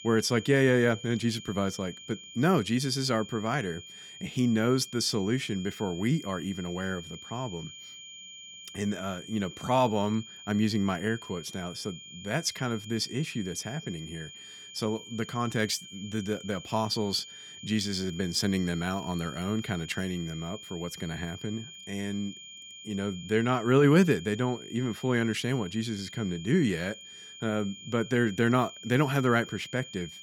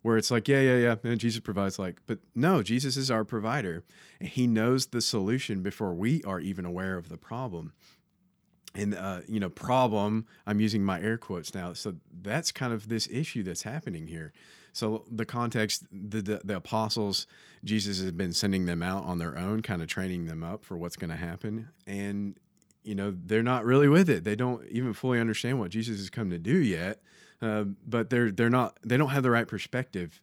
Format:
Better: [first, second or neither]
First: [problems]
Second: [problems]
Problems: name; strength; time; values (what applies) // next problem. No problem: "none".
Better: second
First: high-pitched whine; noticeable; throughout; 3 kHz, 15 dB below the speech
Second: none